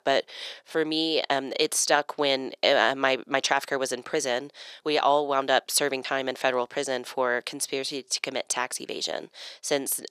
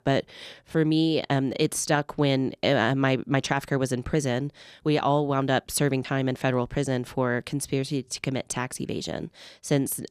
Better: second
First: thin; somewhat; fading below 550 Hz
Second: none

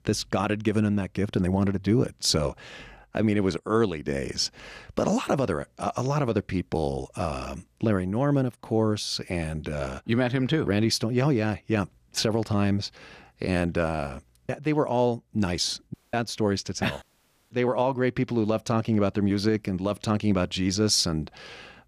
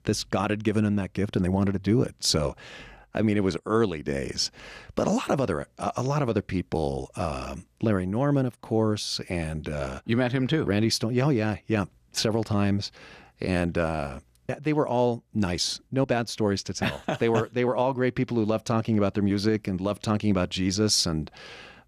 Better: second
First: audio cutting out; at 16 s and at 17 s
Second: none

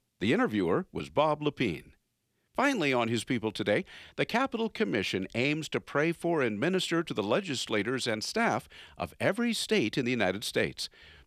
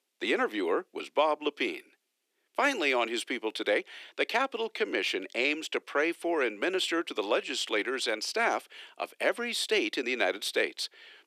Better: first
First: none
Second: thin; somewhat; fading below 300 Hz

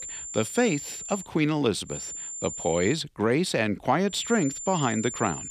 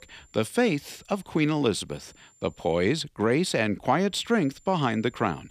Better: second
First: high-pitched whine; loud; until 1 s, from 2 to 3 s and from 4 s on; 7 kHz, 8 dB below the speech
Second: high-pitched whine; faint; until 1 s, from 2 to 3 s and from 4 s on; 7 kHz, 30 dB below the speech

